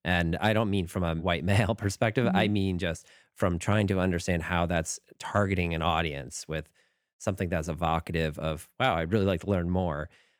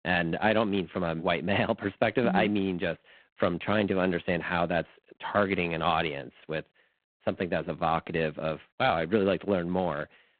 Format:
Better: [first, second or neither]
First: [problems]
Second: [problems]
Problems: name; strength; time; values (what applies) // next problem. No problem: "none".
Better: first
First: none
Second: phone-call audio; poor line; nothing above 4 kHz